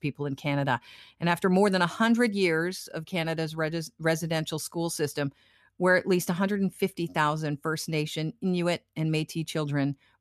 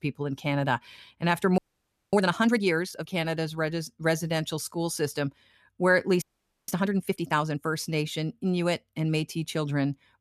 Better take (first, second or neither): first